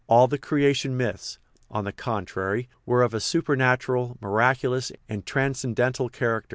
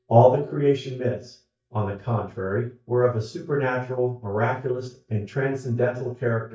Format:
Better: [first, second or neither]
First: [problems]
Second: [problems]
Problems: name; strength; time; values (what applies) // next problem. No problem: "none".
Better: first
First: none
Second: noise reduction (neural mask model DeepFilterNet 3)